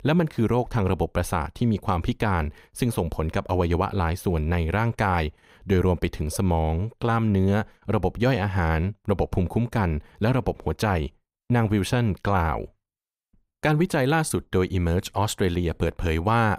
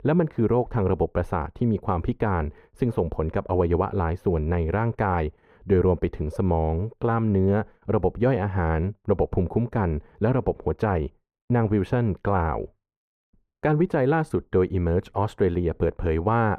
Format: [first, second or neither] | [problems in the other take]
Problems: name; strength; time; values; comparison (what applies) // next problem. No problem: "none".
first | muffled; very; fading above 3 kHz